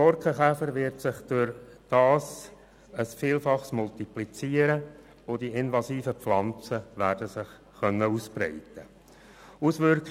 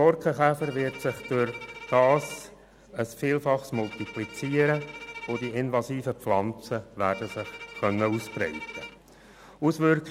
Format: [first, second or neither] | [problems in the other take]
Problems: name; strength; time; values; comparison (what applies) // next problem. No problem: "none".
first | background sound (Bowed string instrument); 16 dB below the speech